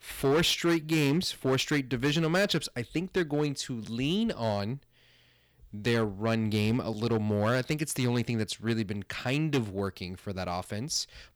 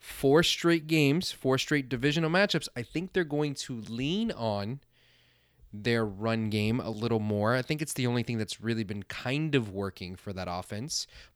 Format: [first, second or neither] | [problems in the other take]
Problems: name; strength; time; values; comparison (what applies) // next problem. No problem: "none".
second | distortion; slight; 5% of the sound clipped